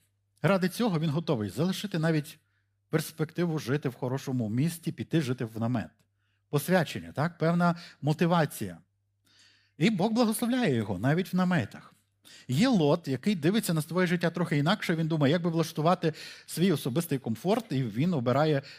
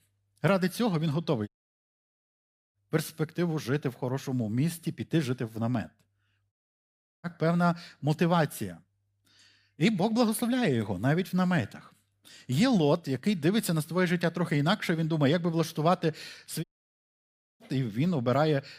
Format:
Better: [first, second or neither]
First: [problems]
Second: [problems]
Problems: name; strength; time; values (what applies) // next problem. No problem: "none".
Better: first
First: none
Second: audio cutting out; at 1.5 s for 1.5 s, at 6.5 s for 0.5 s and at 17 s for 1 s